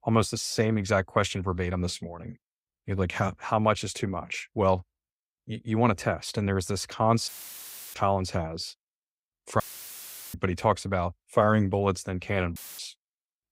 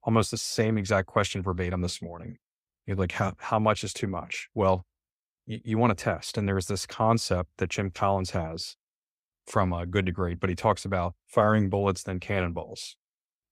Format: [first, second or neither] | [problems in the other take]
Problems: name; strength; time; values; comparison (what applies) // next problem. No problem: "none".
second | audio cutting out; filled with static; at 7.5 s for 0.5 s, at 9.5 s for 0.5 s and at 13 s